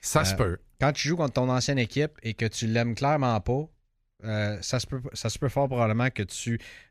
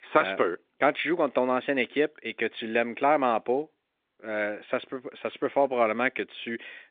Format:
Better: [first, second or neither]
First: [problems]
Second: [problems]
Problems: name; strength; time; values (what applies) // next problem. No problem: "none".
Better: first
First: none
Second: phone-call audio; nothing above 3.5 kHz